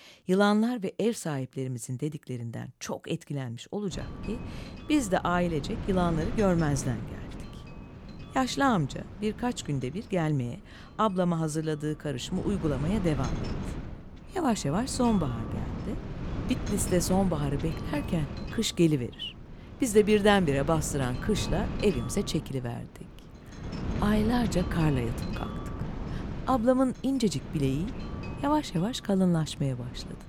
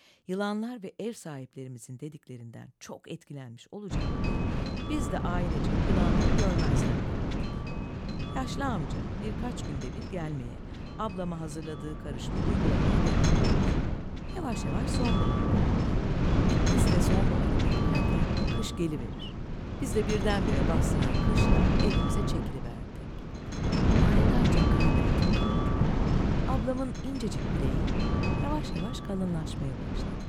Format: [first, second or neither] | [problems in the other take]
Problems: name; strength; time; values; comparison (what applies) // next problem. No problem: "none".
first | wind noise on the microphone; heavy; from 4 s on; 4 dB above the speech; occasional gusts in the first